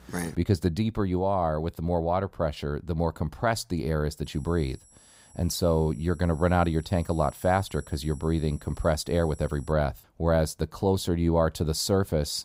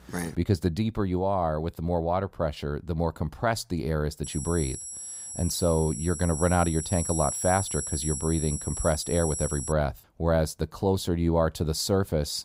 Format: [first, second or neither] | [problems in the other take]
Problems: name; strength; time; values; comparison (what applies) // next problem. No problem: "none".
first | high-pitched whine; loud; from 4 to 9.5 s; 10.5 kHz, 5 dB below the speech; faint in the first